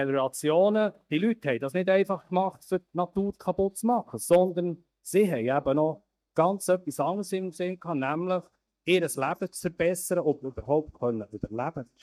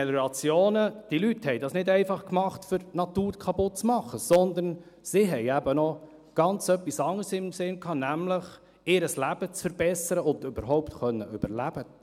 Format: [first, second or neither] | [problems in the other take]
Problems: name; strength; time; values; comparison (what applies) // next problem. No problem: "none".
second | noise reduction (neural mask model DeepFilterNet 3)